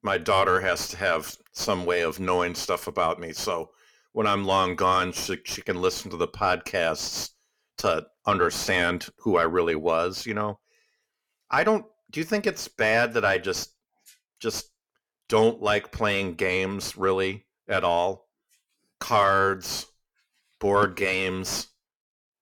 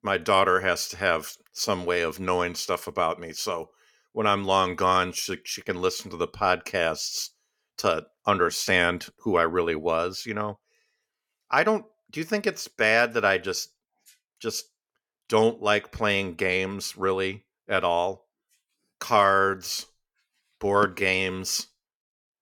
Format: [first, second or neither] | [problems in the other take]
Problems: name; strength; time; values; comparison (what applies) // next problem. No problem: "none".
second | distortion; slight; 10 dB below the speech